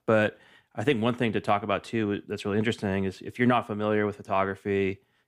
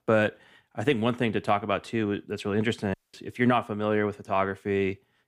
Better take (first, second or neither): first